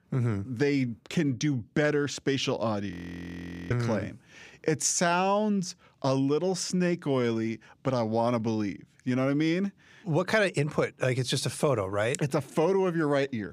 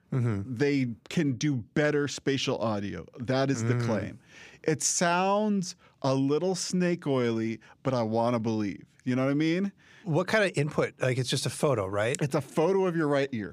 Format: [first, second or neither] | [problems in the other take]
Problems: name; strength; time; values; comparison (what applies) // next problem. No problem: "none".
second | audio freezing; at 3 s for 1 s